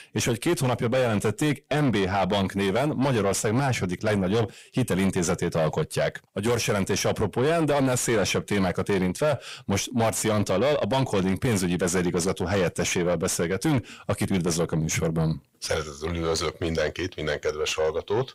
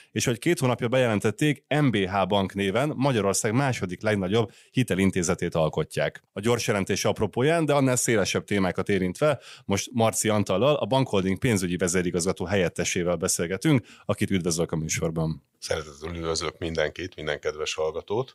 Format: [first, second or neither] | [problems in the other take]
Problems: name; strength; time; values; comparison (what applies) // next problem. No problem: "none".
second | distortion; heavy; 7 dB below the speech